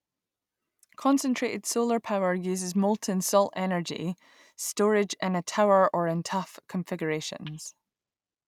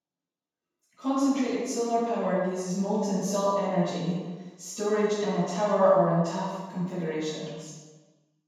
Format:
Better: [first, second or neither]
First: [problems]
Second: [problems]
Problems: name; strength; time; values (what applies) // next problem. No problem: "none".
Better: first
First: none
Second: room echo; dies away in 1.2 s